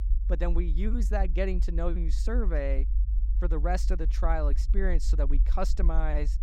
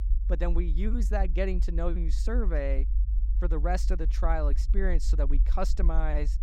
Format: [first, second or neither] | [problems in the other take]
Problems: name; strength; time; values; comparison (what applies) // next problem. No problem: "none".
neither | low rumble; noticeable; throughout; 15 dB below the speech; the same in both